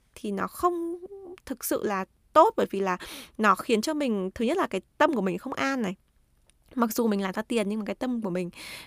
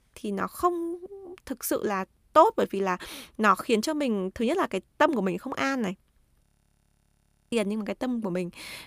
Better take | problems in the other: first | audio freezing; at 6.5 s for 1 s

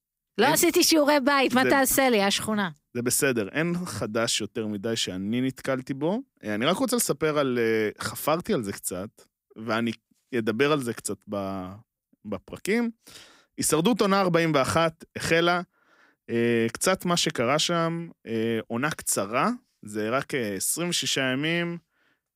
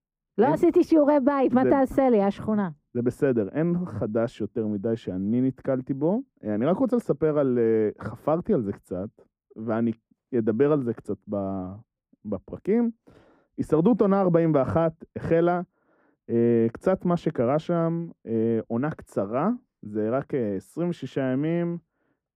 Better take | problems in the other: first | muffled; very; fading above 2 kHz

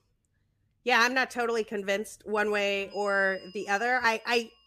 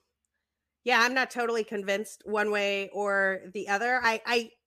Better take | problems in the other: second | alarms or sirens; faint; throughout; 25 dB below the speech

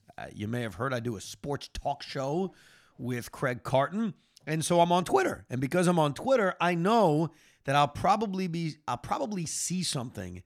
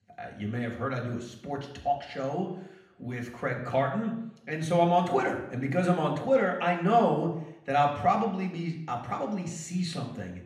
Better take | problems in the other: first | room echo; noticeable; dies away in 0.7 s // off-mic speech; far

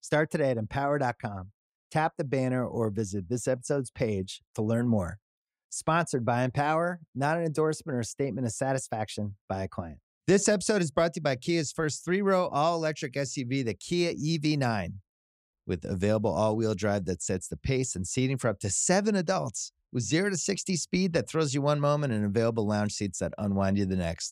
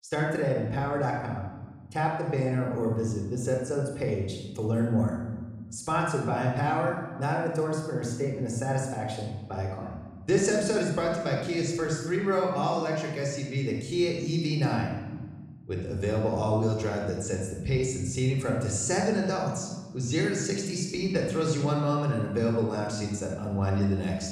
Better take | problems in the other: first | room echo; noticeable; dies away in 1.2 s // off-mic speech; somewhat distant

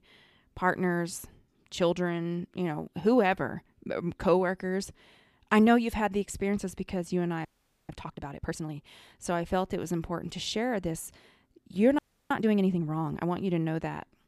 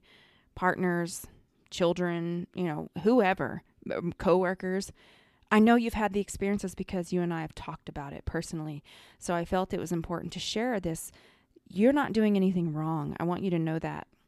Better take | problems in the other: second | audio freezing; at 7.5 s and at 12 s

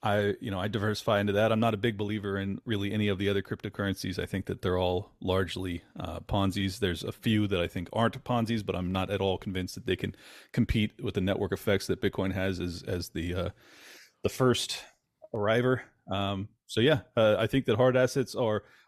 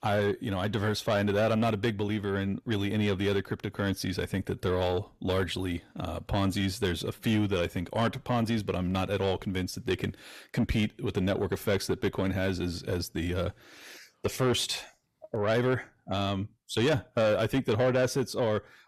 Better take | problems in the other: first | distortion; slight; 10 dB below the speech

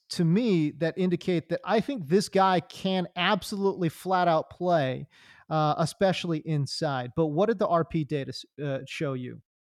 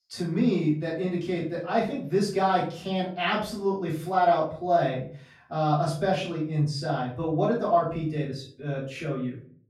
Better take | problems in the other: first | off-mic speech; far // room echo; noticeable; dies away in 0.4 s

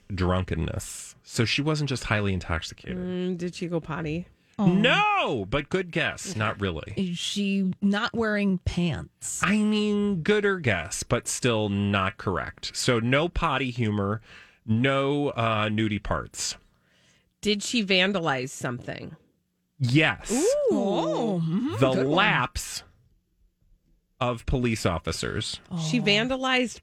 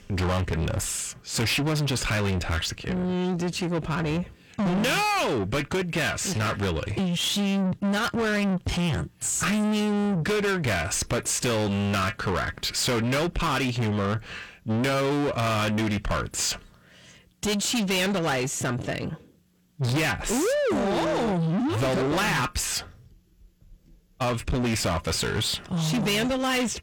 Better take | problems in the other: first | distortion; heavy; 6 dB below the speech

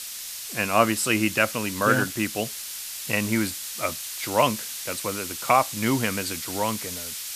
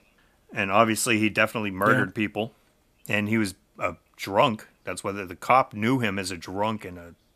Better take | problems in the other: second | hiss; loud; throughout; 7 dB below the speech

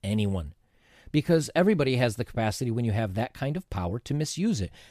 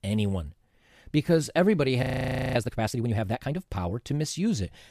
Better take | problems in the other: first | audio freezing; at 2 s for 0.5 s

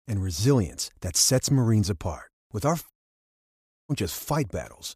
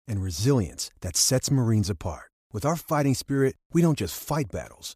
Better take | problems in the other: second | audio cutting out; at 3 s for 1 s

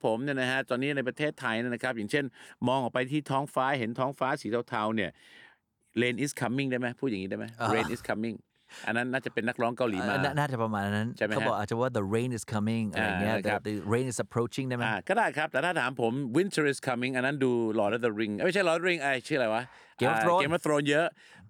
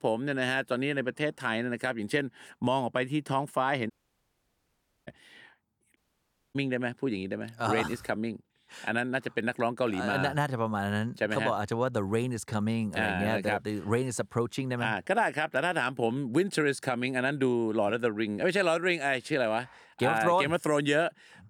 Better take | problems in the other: first | audio cutting out; at 4 s for 1 s and at 6 s for 0.5 s

